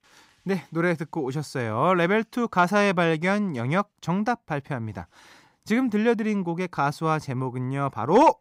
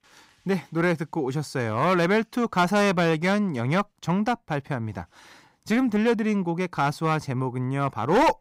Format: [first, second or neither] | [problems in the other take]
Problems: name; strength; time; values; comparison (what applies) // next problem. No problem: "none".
first | distortion; slight; 5% of the sound clipped